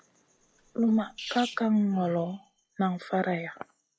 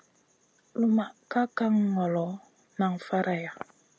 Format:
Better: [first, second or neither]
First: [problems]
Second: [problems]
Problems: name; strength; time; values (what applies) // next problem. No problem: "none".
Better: second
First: noise reduction (classical method log-MMSE)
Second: none